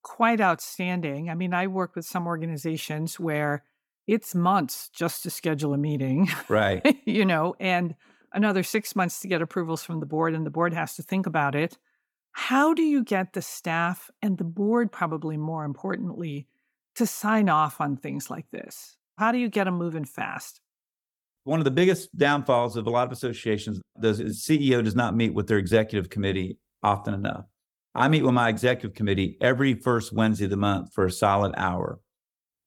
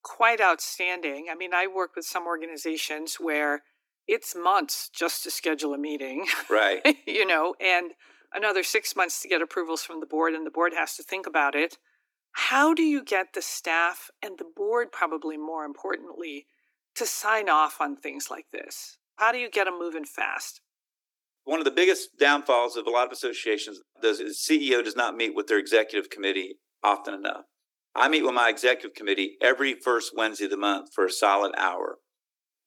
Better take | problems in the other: first | thin; somewhat; fading below 300 Hz

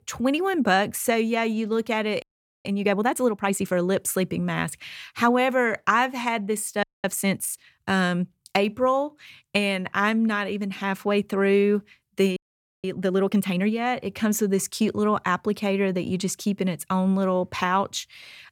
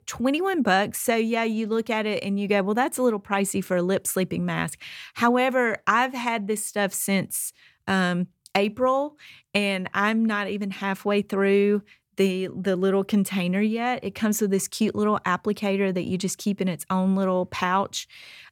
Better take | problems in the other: second | audio freezing; at 2 s, at 7 s and at 12 s

